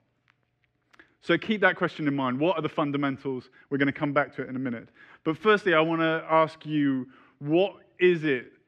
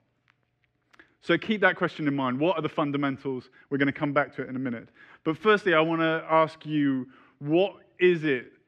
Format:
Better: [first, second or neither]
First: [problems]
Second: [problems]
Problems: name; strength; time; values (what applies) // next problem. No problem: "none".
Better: neither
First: muffled; slightly; fading above 2.5 kHz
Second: muffled; slightly; fading above 2.5 kHz